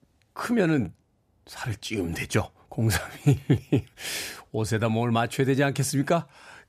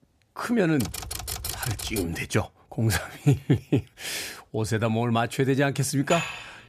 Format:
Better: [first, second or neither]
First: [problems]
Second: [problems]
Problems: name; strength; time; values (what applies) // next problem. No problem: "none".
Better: first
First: none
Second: keyboard typing; noticeable; from 1 to 2 s; peak 5 dB below the speech // clattering dishes; noticeable; at 6 s; peak 4 dB below the speech